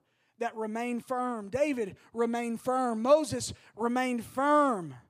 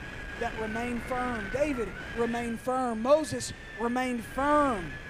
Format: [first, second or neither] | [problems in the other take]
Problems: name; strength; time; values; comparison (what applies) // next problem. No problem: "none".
first | wind noise on the microphone; heavy; 9 dB below the speech